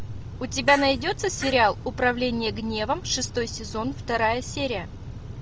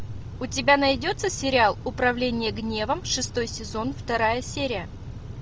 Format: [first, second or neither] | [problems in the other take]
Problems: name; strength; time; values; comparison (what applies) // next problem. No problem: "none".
second | background sound (Fart); 12 dB below the speech